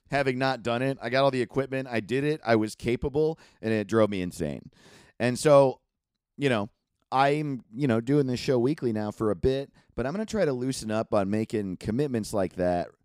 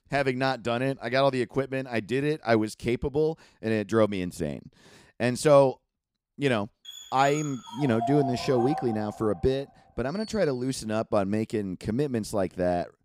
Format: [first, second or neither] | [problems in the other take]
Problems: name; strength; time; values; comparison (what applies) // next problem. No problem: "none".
first | dog barking; noticeable; from 7 to 10 s; peak 4 dB below the speech